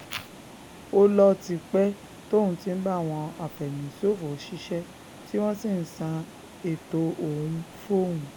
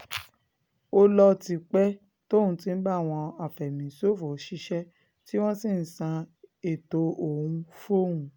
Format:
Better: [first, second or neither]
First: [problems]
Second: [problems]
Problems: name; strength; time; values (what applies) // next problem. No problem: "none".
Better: second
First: background sound (Water); 18 dB below the speech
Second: none